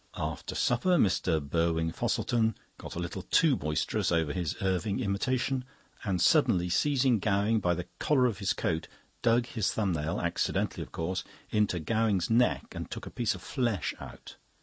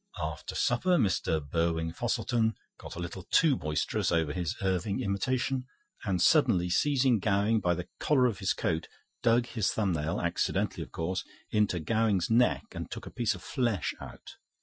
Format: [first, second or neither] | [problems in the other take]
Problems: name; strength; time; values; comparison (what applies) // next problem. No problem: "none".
first | noise reduction (classical method Wiener filter)